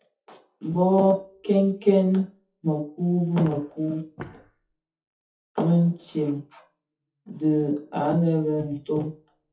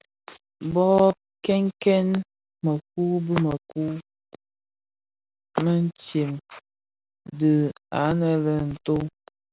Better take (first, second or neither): second